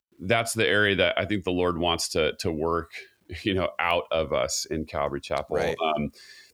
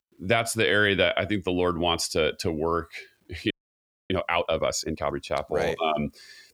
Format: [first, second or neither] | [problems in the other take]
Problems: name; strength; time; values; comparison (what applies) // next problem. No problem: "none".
first | audio freezing; at 3.5 s for 0.5 s